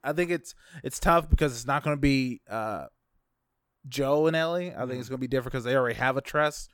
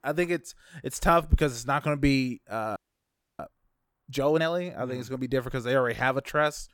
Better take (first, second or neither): first